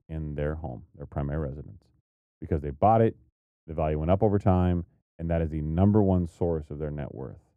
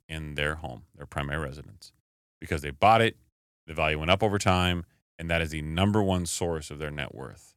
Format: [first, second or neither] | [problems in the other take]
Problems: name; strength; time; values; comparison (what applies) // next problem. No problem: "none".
second | muffled; very; fading above 1.5 kHz